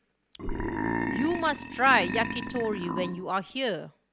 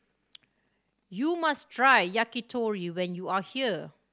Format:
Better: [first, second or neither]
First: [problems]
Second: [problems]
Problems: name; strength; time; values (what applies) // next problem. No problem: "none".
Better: second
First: background sound (Burping, eructation); 3 dB below the speech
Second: none